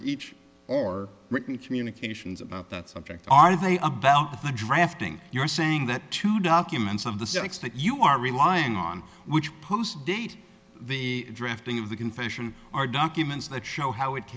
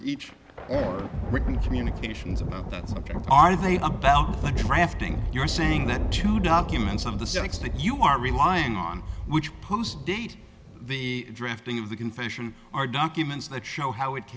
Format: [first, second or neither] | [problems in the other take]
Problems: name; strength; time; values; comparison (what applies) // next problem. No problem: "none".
first | background sound (Thunder); 5 dB below the speech